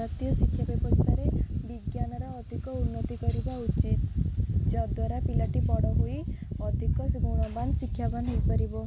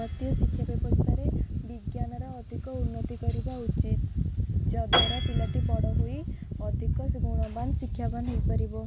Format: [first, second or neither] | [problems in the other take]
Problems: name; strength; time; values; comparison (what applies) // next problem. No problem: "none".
first | background sound (Piano); 10 dB below the speech